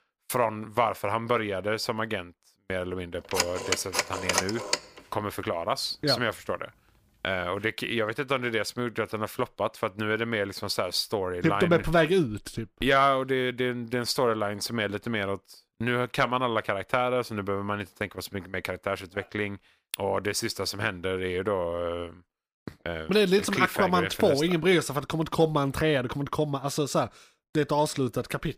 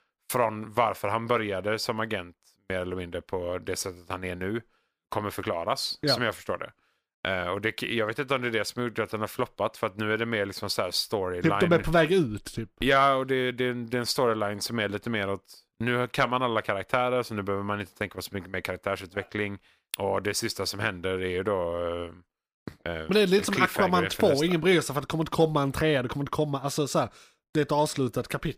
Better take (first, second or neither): second